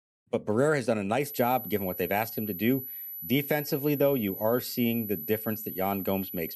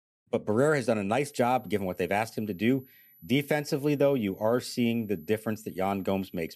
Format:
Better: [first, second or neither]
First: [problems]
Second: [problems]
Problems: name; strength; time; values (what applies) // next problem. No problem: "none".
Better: second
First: high-pitched whine; loud; from 1 s on; 12 kHz, 8 dB below the speech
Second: high-pitched whine; faint; from 1 s on; 12 kHz, 25 dB below the speech